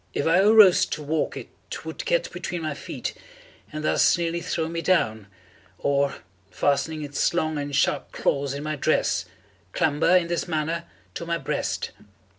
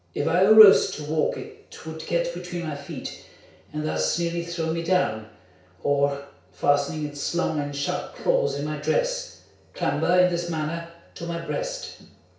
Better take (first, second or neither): first